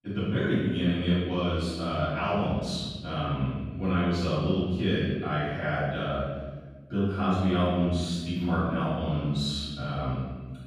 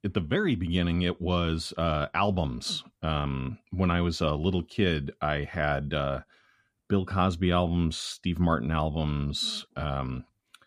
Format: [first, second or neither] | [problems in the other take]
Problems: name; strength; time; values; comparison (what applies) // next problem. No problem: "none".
second | off-mic speech; far // room echo; strong; dies away in 1.3 s